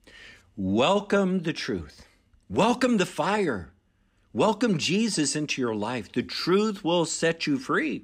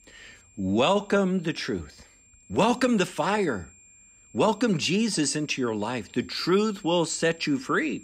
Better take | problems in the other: first | high-pitched whine; faint; throughout; 7.5 kHz, 25 dB below the speech

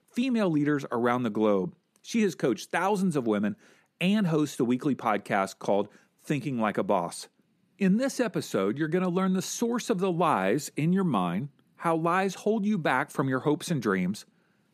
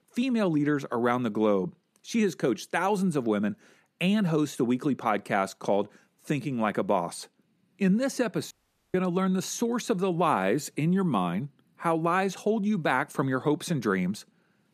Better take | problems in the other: first | audio cutting out; at 8.5 s

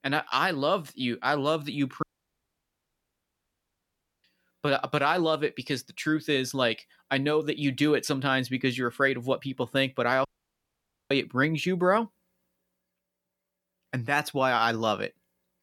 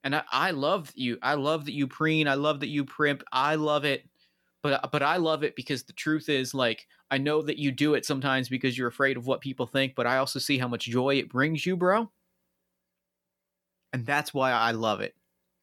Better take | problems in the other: second | audio cutting out; at 2 s for 2 s and at 10 s for 1 s

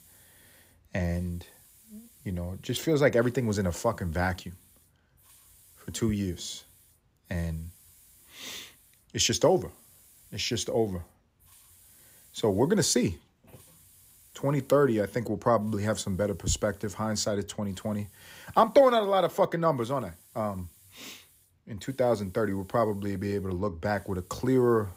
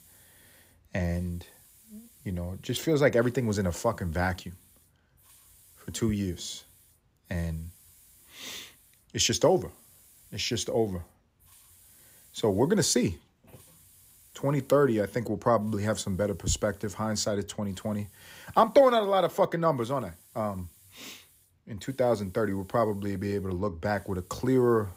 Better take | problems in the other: neither | hiss; faint; throughout; 30 dB below the speech; the same in both

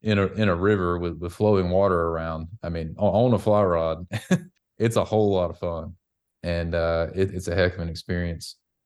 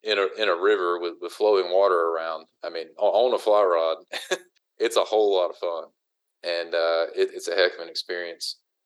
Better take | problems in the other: first | thin; very; fading below 350 Hz

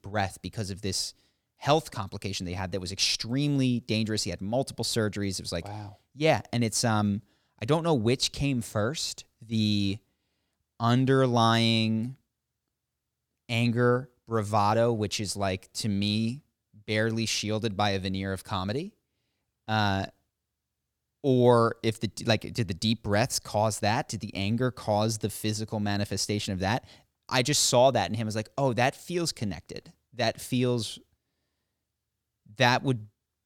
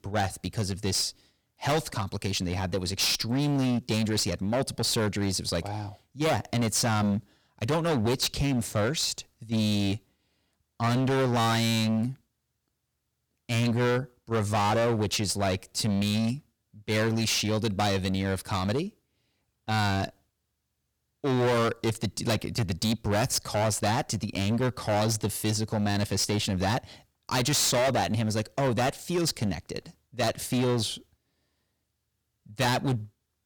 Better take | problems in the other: first | distortion; heavy; 16% of the sound clipped

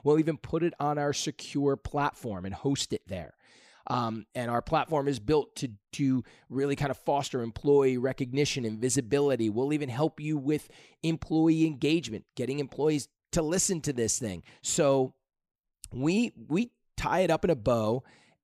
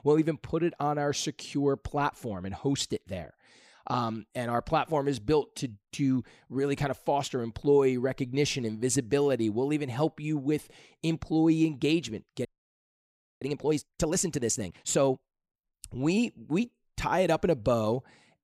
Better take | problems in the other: first | audio freezing; at 12 s for 1 s

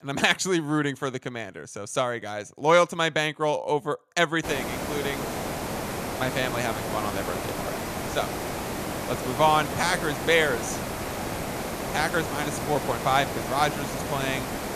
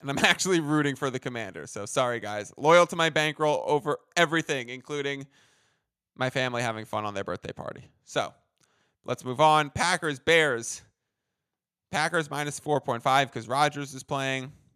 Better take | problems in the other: second | hiss; loud; from 4.5 s on; 5 dB below the speech

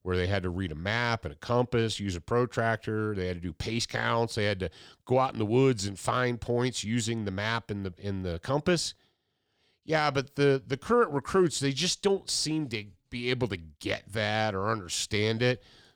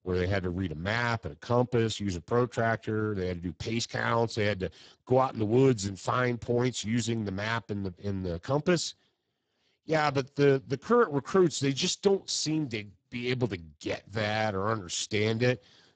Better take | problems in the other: first | garbled, watery; badly; nothing above 7.5 kHz

